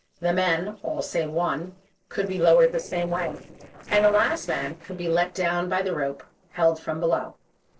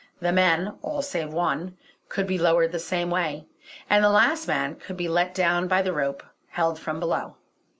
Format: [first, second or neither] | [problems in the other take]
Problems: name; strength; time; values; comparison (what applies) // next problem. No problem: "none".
second | noise reduction (neural separator model SepFormer DNS4)